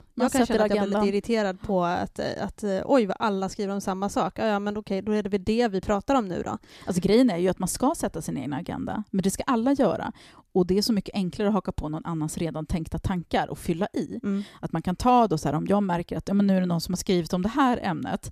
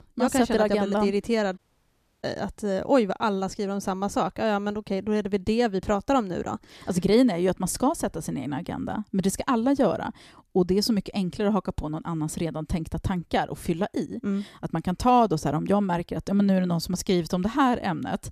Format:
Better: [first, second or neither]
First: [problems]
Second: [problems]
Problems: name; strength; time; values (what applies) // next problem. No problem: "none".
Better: first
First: none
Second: audio cutting out; at 1.5 s for 0.5 s